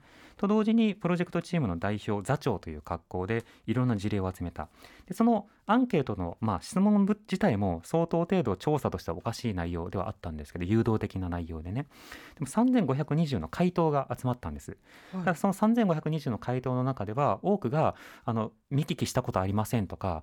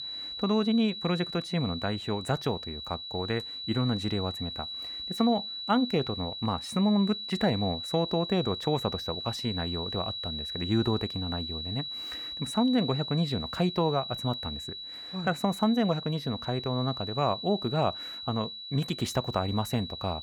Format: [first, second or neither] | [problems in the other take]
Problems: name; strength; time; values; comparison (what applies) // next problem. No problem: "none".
first | high-pitched whine; loud; throughout; 4 kHz, 6 dB below the speech